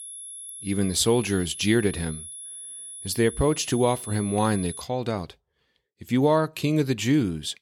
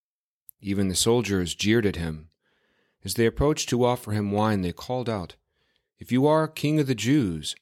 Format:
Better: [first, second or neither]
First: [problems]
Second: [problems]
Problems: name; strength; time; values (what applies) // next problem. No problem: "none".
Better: second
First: high-pitched whine; noticeable; until 5 s; 10.5 kHz, 10 dB below the speech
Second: none